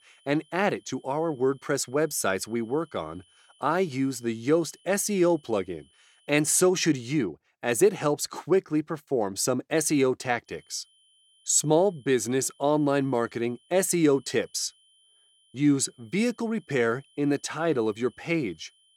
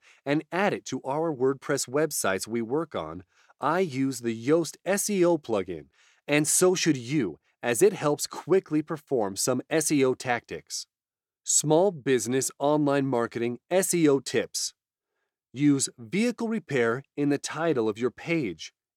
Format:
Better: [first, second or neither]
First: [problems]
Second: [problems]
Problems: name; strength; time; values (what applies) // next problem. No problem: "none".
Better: second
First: high-pitched whine; faint; until 6.5 s and from 10 s on; 3 kHz, 35 dB below the speech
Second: none